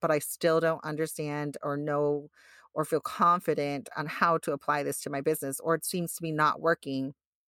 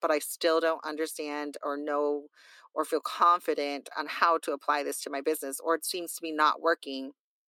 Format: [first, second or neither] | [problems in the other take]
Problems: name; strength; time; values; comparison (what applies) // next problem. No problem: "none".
first | thin; very slightly; fading below 300 Hz